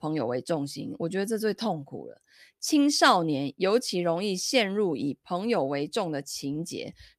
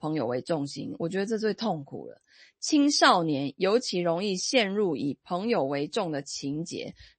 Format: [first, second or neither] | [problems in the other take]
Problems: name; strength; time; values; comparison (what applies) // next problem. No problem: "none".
first | garbled, watery; slightly; nothing above 8 kHz